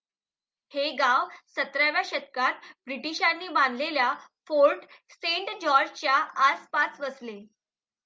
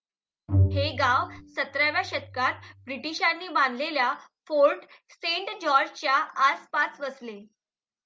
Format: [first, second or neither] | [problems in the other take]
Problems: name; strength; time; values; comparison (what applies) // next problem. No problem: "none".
first | background sound (Bowed string instrument); 2 dB below the speech